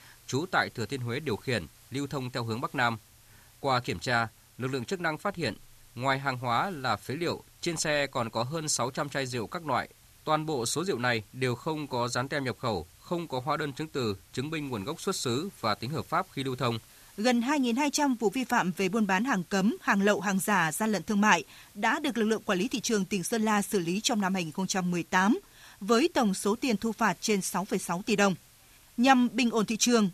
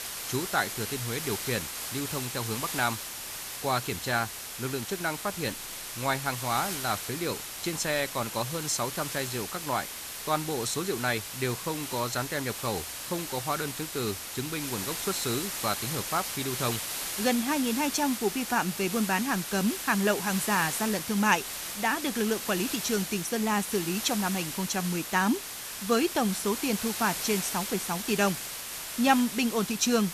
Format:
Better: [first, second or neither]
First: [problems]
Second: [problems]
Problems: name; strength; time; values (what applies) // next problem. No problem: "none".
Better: first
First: hiss; faint; throughout; 25 dB below the speech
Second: hiss; loud; throughout; 4 dB below the speech